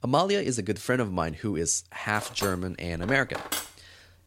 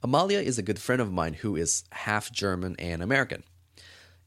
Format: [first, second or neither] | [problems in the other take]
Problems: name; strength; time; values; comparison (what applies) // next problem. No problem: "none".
second | clattering dishes; noticeable; from 2 to 3.5 s; peak 4 dB below the speech